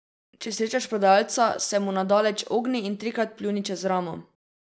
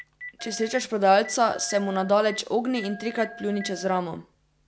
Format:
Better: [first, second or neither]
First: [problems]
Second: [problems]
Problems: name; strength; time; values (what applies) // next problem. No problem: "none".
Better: first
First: none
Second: background sound (Telephone + Telephone); 17 dB below the speech